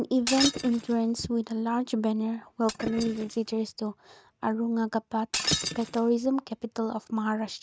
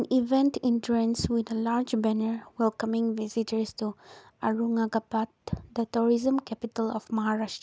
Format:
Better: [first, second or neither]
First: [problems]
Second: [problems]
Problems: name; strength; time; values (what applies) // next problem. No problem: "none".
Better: second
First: noise reduction (neural mask model RNNoise)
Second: none